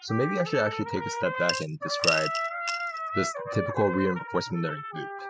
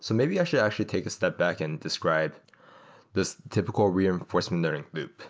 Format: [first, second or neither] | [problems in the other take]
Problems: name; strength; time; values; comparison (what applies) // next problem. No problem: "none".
second | noise reduction (classical method spectral subtraction)